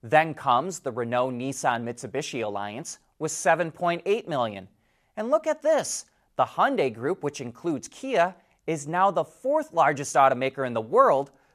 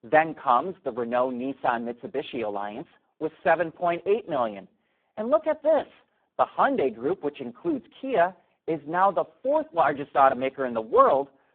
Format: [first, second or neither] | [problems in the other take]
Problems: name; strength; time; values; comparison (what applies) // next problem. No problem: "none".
first | phone-call audio; poor line; nothing above 3.5 kHz